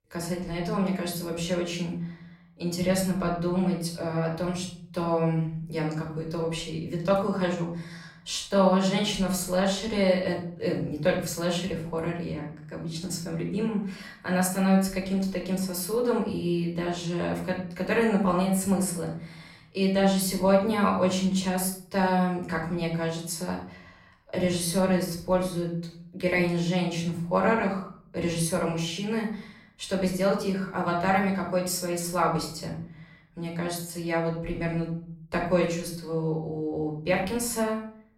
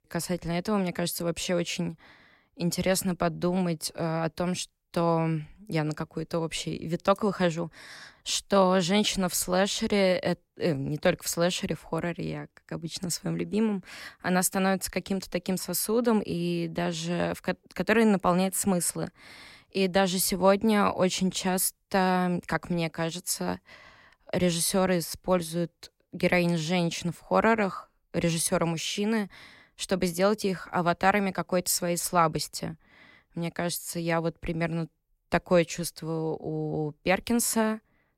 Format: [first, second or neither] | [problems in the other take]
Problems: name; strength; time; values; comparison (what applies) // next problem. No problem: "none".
second | off-mic speech; somewhat distant // room echo; noticeable; dies away in 0.5 s